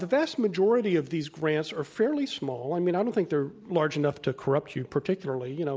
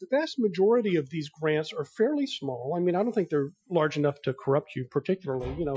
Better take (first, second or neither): first